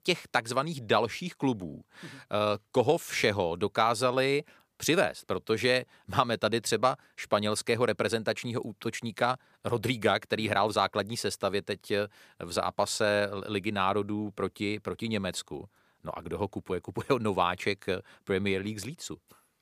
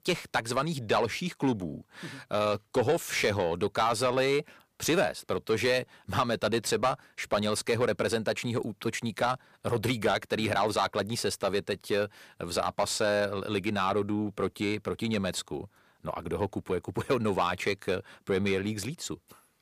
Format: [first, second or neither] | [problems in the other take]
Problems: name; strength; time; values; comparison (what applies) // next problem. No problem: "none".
first | distortion; slight; 10 dB below the speech